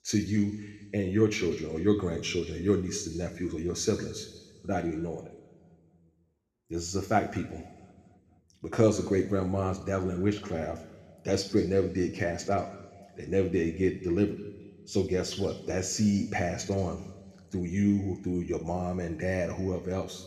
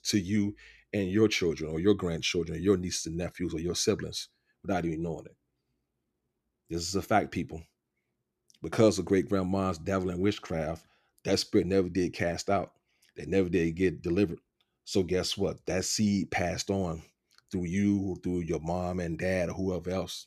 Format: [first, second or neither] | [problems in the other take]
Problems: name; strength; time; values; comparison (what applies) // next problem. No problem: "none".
second | room echo; slight; dies away in 1.5 s